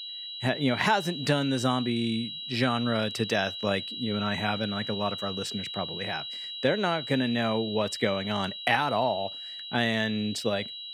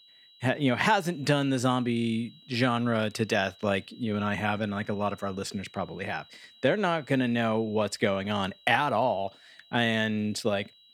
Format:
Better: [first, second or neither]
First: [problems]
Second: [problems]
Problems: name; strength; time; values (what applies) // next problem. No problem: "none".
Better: second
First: high-pitched whine; loud; throughout; 4 kHz, 7 dB below the speech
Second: high-pitched whine; faint; throughout; 4 kHz, 25 dB below the speech